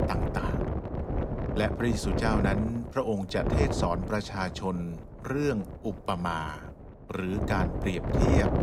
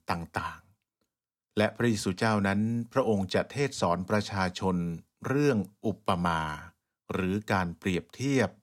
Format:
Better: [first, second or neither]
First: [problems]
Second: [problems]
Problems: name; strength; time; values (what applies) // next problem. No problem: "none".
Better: second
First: wind noise on the microphone; heavy; 2 dB below the speech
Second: none